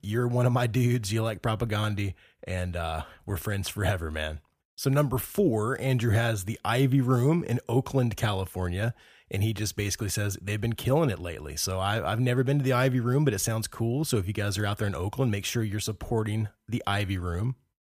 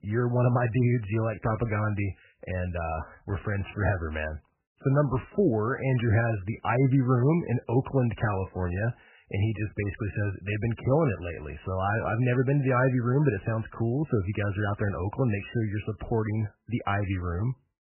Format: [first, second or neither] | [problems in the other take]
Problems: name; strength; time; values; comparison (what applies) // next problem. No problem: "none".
first | garbled, watery; badly; nothing above 3 kHz